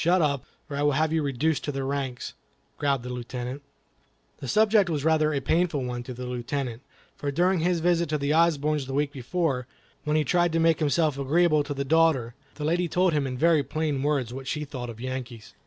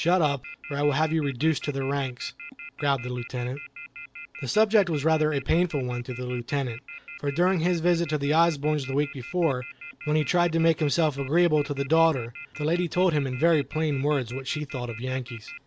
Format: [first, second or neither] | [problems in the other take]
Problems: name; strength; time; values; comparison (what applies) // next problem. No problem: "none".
first | background sound (Telephone); 16 dB below the speech